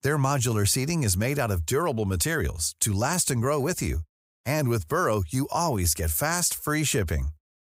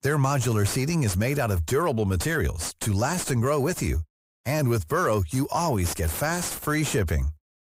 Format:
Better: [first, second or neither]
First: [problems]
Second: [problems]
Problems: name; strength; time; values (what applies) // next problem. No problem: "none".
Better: first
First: none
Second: distortion; slight; 9 dB below the speech